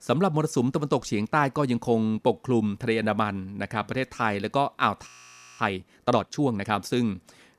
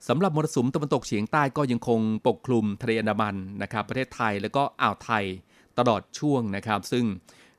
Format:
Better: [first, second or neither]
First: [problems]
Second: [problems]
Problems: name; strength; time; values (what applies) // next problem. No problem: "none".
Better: second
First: audio freezing; at 5 s for 0.5 s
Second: none